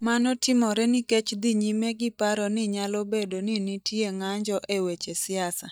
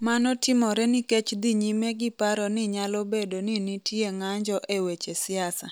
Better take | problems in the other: second | noise reduction (neural mask model DeepFilterNet 3)

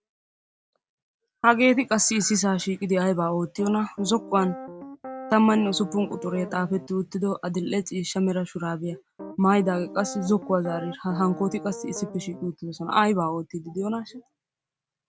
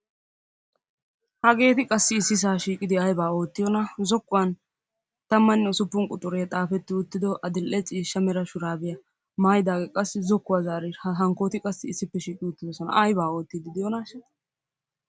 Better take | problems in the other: second | background sound (Piano); 13 dB below the speech

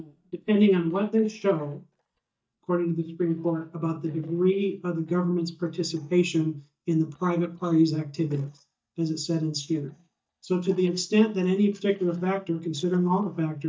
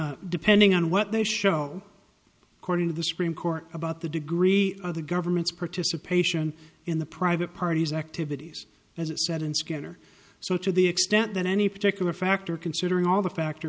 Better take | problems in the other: second | noise reduction (neural mask model DeepFilterNet 3)

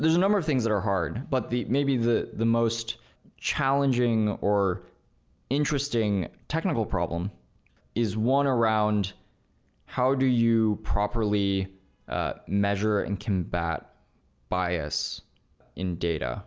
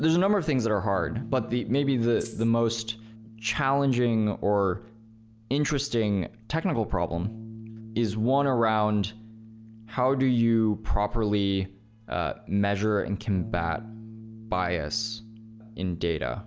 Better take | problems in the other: first | background sound (Bass guitar + Rattle (instrument)); 18 dB below the speech

